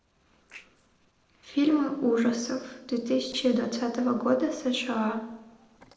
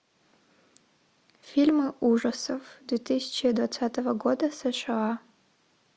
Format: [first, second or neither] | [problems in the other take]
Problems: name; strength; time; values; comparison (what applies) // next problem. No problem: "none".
second | noise reduction (neural separator model SepFormer DNS4)